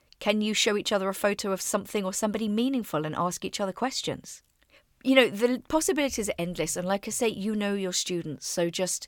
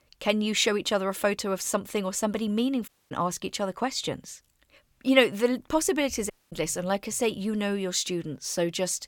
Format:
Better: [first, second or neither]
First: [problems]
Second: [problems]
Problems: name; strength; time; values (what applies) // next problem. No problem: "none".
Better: first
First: none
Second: audio cutting out; at 3 s and at 6.5 s